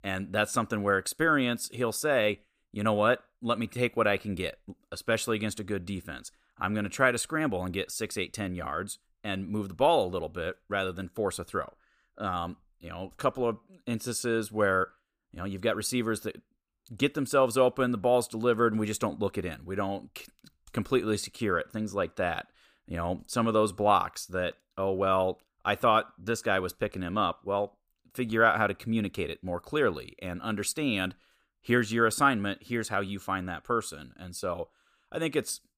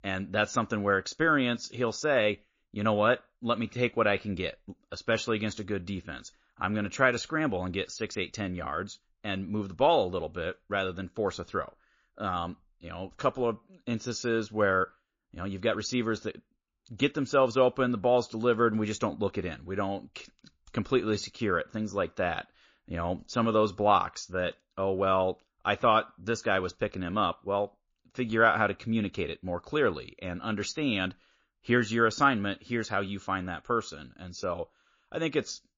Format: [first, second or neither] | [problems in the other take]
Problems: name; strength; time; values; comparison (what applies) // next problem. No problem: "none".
first | garbled, watery; slightly